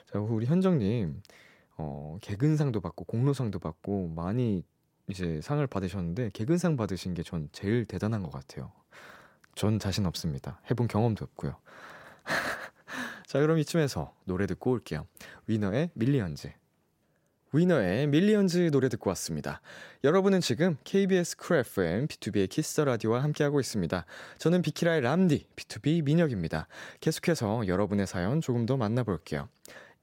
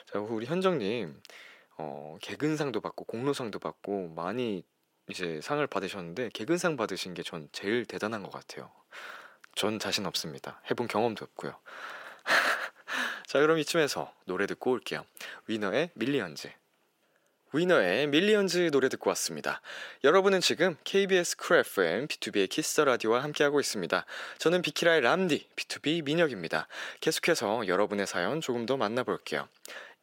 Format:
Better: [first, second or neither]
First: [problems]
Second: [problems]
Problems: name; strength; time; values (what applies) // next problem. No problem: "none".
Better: first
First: none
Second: thin; somewhat; fading below 350 Hz